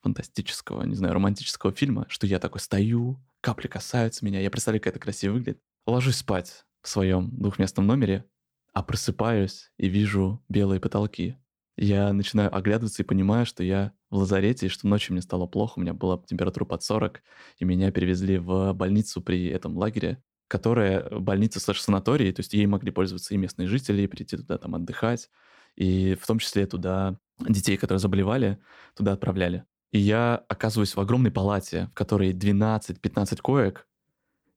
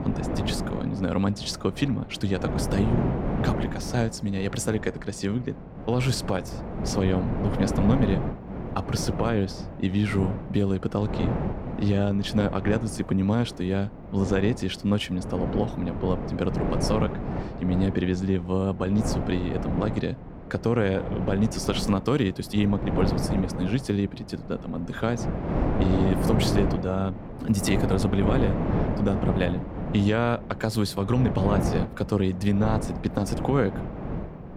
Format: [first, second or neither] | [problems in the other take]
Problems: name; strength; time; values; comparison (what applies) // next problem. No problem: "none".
first | wind noise on the microphone; heavy; 4 dB below the speech